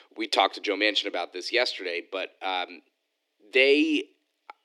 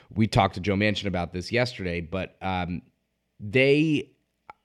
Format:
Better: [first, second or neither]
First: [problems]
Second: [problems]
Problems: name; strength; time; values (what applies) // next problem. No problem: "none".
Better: second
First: thin; somewhat; fading below 300 Hz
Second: none